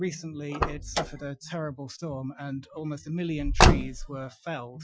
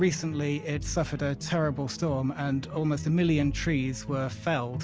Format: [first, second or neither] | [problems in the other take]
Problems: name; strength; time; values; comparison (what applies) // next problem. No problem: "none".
second | noise reduction (classical method Wiener filter)